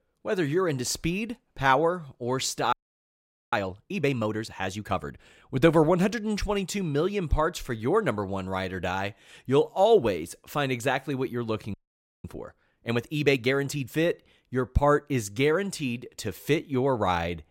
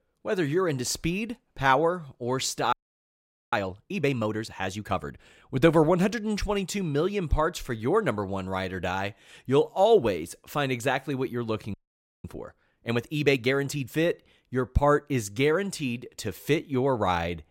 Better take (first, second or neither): neither